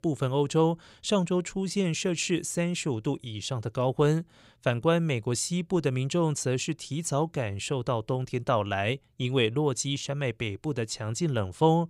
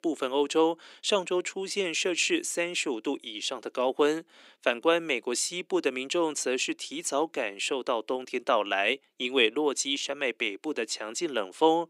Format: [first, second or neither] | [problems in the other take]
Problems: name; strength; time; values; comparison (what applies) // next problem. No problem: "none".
first | thin; somewhat; fading below 250 Hz